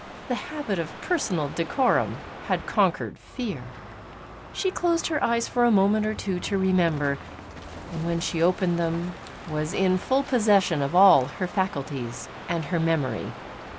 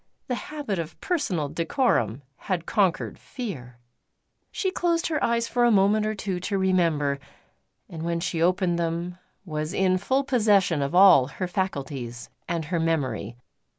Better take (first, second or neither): second